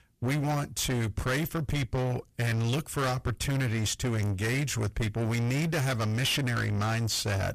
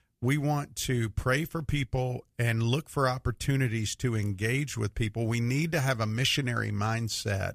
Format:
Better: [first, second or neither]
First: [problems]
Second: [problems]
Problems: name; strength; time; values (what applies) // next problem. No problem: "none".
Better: second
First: distortion; heavy; 7 dB below the speech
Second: none